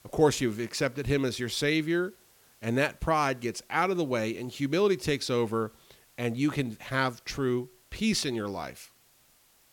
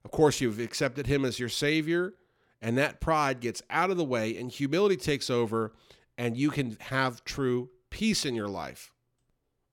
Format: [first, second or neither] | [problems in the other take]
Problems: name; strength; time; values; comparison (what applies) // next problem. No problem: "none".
second | hiss; faint; throughout; 30 dB below the speech